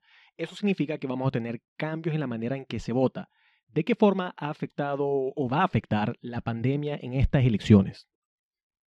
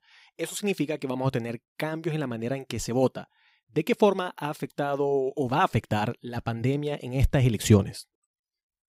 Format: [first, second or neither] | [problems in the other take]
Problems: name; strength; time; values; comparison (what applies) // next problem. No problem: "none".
second | muffled; slightly; fading above 3 kHz